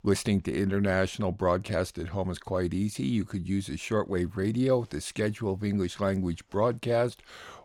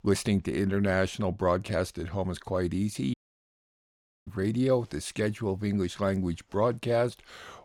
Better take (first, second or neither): first